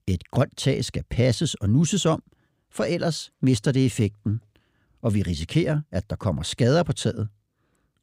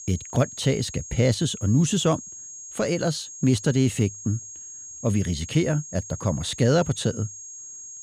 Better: first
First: none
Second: high-pitched whine; noticeable; throughout; 6.5 kHz, 10 dB below the speech

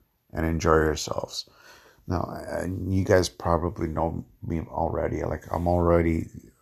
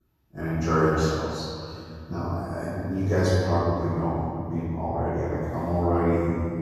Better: first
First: none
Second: room echo; strong; dies away in 2.3 s // off-mic speech; far

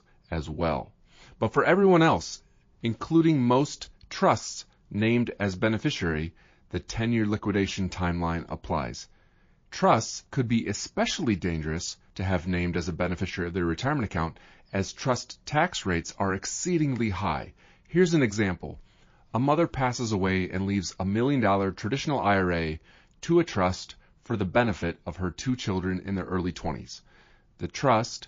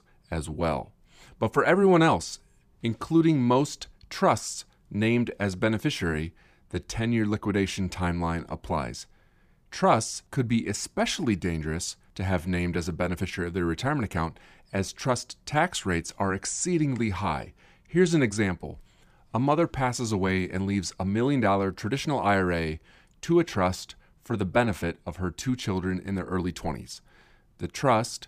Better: second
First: garbled, watery; slightly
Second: none

